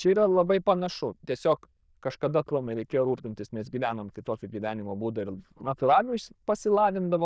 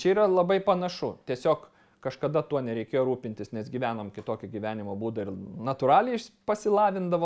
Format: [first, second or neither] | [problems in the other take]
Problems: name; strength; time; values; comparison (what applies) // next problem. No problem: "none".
second | noise reduction (neural diffusion model UNIVERSE++)